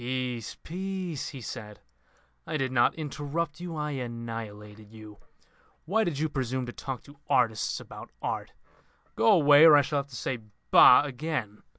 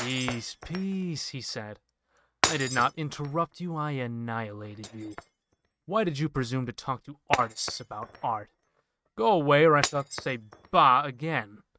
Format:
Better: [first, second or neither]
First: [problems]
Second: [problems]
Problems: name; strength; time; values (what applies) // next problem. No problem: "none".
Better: first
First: none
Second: noise reduction (neural mask model RNNoise)